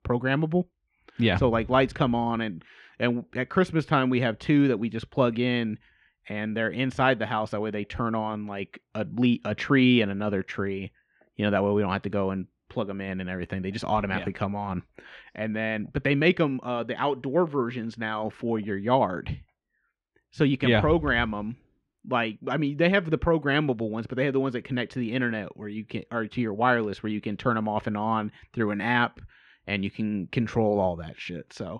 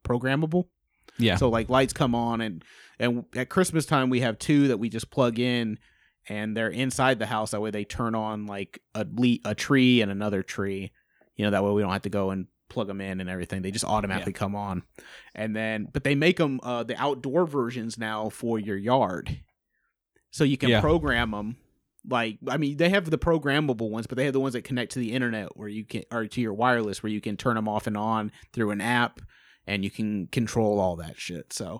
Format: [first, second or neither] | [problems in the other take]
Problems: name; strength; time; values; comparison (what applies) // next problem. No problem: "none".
second | muffled; slightly; fading above 2.5 kHz